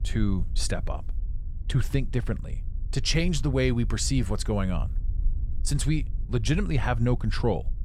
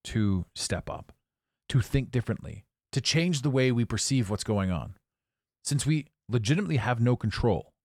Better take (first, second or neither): second